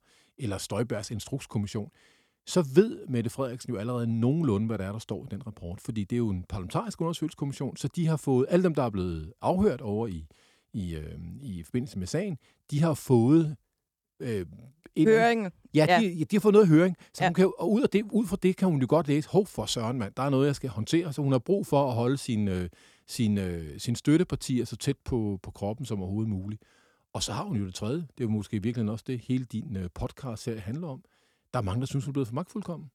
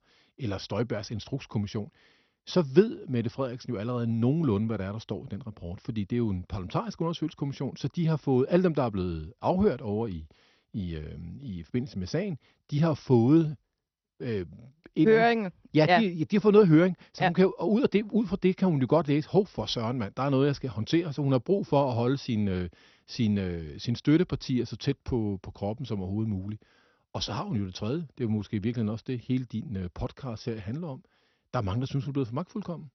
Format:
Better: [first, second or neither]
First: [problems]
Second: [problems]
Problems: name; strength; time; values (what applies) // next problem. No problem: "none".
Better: first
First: none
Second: garbled, watery; slightly; nothing above 6 kHz